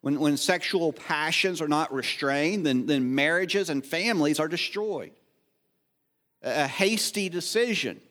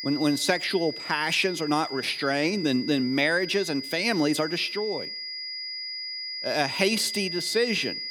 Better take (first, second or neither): first